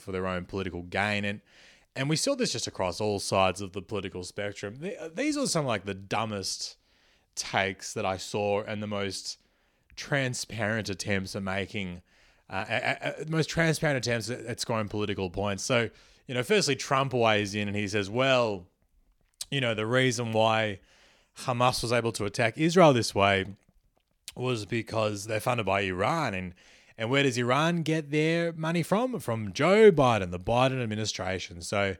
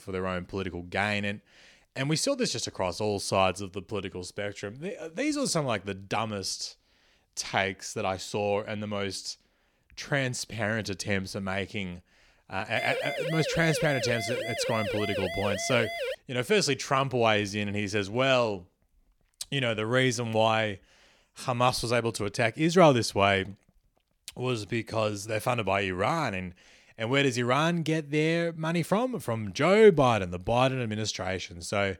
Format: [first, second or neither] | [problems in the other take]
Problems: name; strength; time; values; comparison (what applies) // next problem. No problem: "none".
first | siren; noticeable; from 13 to 16 s; peak 4 dB below the speech